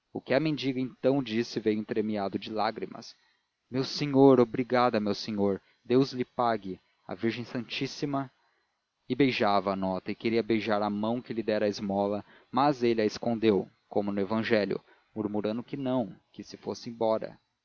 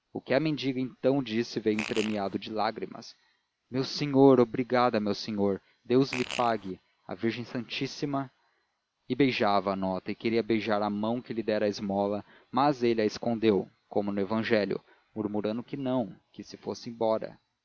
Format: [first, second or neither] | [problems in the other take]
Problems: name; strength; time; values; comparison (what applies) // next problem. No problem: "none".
first | background sound (Fart); 10 dB below the speech